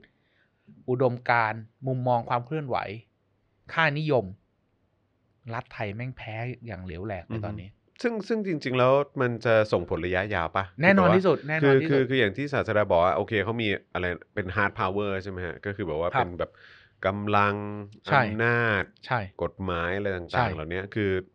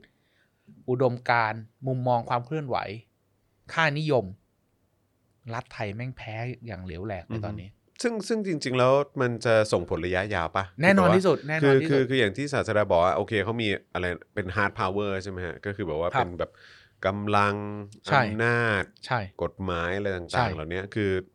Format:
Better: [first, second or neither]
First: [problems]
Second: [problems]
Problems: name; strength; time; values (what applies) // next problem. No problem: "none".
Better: second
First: muffled; very slightly; fading above 3 kHz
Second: none